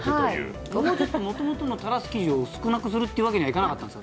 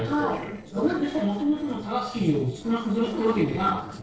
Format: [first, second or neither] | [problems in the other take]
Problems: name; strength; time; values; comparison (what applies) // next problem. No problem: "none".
first | noise reduction (neural separator model SepFormer DNS4)